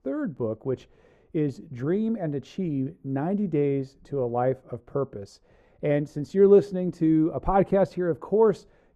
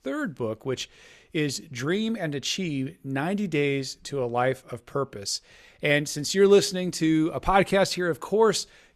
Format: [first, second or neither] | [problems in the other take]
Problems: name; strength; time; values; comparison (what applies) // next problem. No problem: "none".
second | muffled; very; fading above 1.5 kHz